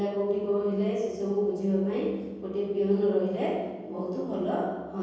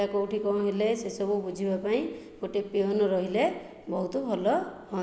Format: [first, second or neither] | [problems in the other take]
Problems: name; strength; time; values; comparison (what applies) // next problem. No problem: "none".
second | room echo; dies away in 1.3 s